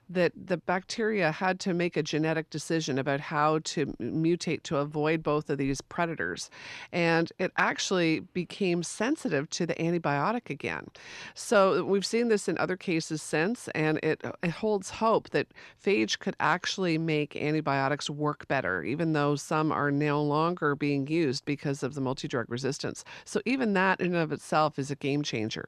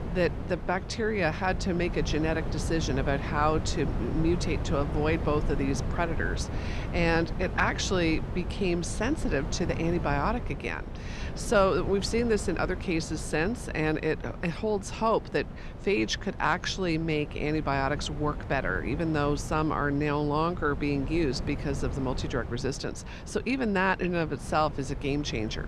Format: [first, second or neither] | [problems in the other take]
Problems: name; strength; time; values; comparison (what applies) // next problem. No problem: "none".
first | wind noise on the microphone; occasional gusts; 15 dB below the speech